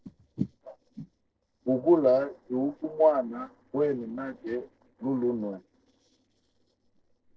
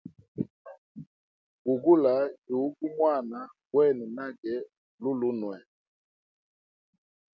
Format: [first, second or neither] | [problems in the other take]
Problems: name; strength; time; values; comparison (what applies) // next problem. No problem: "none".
second | noise reduction (neural separator model SepFormer DNS4)